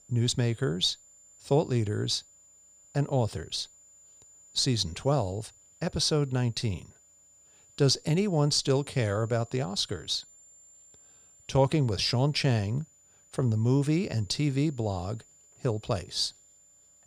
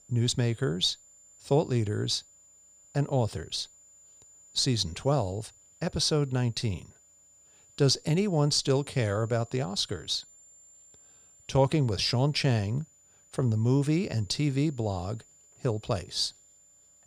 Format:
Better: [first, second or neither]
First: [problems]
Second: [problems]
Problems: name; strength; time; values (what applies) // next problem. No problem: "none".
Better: neither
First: high-pitched whine; faint; throughout; 7 kHz, 25 dB below the speech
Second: high-pitched whine; faint; throughout; 7 kHz, 25 dB below the speech